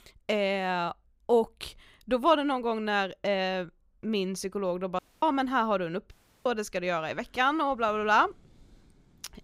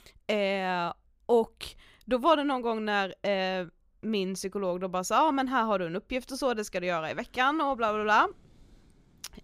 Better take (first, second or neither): second